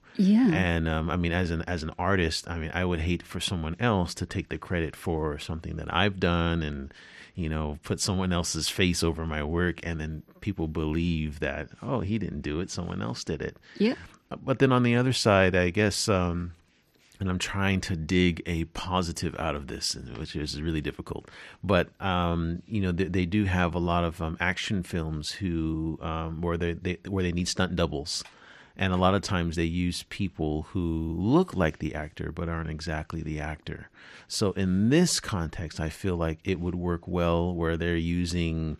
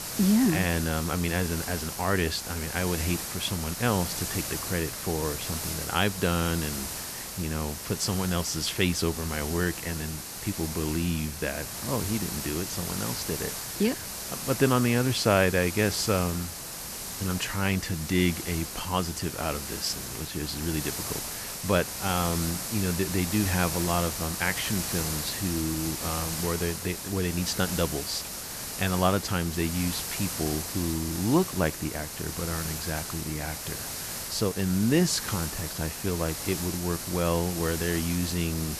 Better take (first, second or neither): first